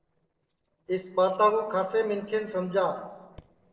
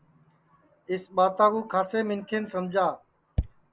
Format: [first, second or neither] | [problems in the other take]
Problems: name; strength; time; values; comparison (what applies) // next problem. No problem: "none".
second | noise reduction (neural separator model SepFormer DNS4)